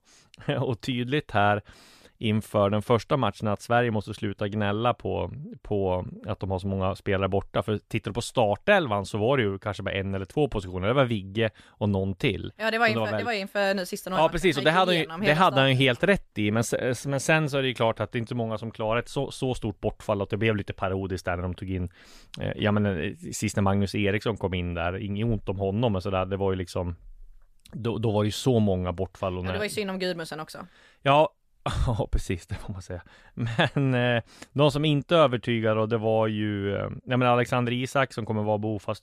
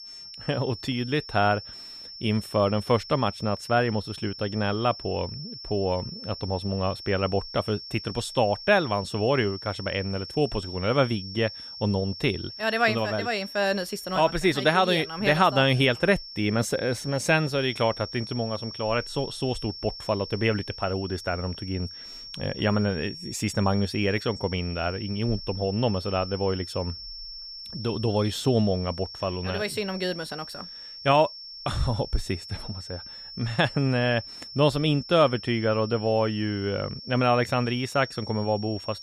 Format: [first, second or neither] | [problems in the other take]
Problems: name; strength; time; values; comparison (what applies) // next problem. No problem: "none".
first | high-pitched whine; noticeable; throughout; 5.5 kHz, 10 dB below the speech